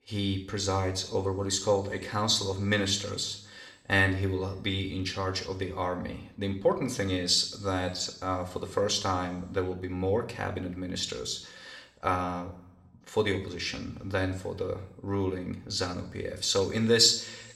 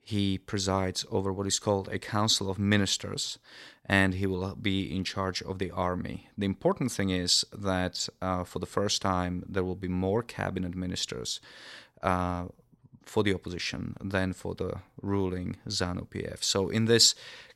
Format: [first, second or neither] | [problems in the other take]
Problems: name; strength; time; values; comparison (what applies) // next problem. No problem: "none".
second | room echo; slight; dies away in 0.6 s